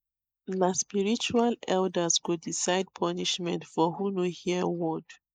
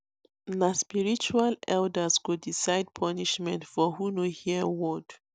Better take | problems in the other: second | noise reduction (neural mask model Resemble Enhance denoiser)

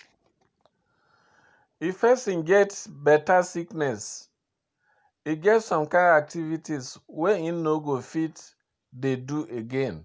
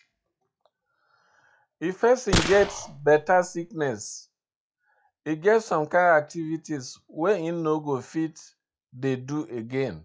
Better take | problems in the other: first | noise reduction (classical method log-MMSE)

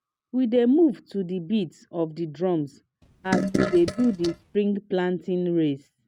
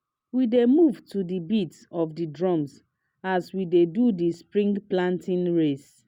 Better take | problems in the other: second | noise reduction (neural mask model RNNoise)

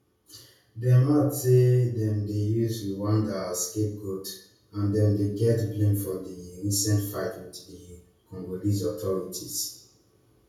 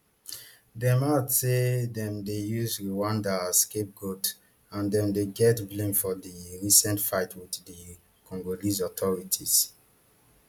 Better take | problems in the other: second | room echo; dies away in 0.6 s

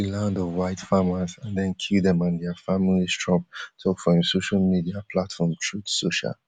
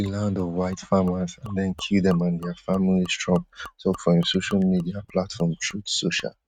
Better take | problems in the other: first | noise reduction (neural mask model RNNoise)

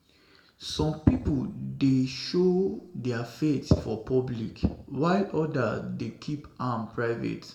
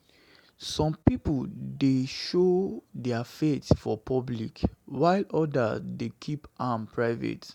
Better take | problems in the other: second | room echo; dies away in 0.8 s

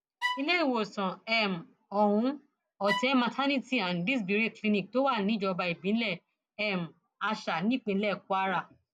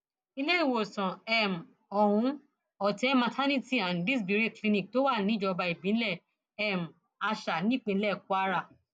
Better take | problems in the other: second | background sound (Bowed string instrument); 7 dB below the speech

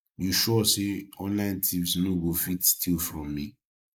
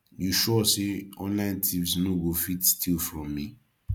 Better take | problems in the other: second | noise reduction (neural mask model Resemble Enhance denoiser)

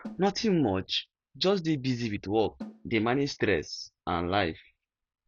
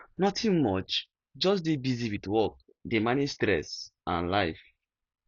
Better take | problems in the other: second | background sound (Snare drum); 15 dB below the speech

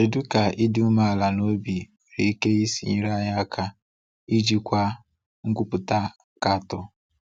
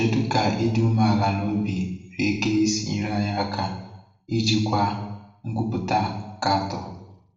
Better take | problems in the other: first | room echo; dies away in 0.8 s

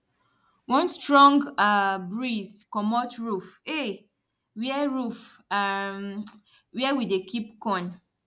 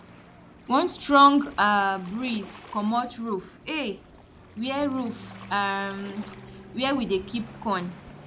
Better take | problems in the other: first | background sound (Waves, surf); 19 dB below the speech

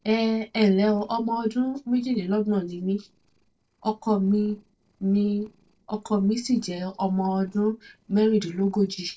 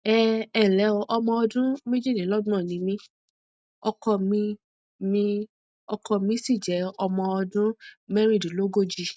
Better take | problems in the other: second | noise reduction (neural separator model SepFormer DNS4)

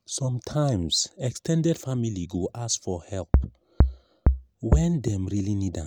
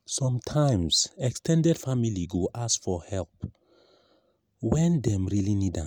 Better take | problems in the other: second | background sound (Bass drum); 4 dB above the speech

